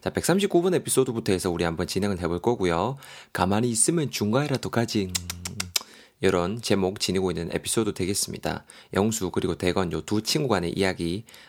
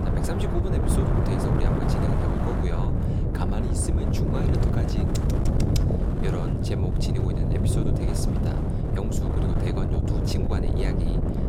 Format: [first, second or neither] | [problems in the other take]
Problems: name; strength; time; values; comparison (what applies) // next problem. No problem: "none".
first | wind noise on the microphone; heavy; 5 dB above the speech